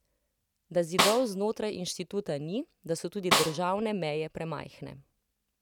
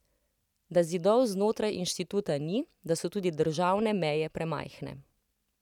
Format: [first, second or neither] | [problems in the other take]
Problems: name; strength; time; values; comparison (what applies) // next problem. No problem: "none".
second | background sound (Snare drum); 2 dB above the speech